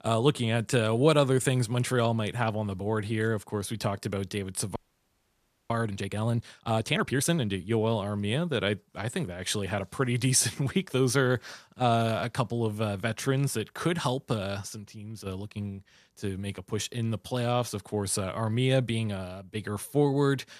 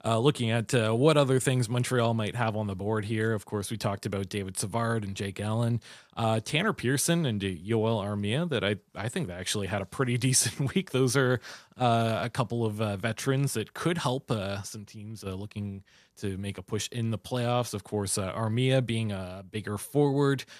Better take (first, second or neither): second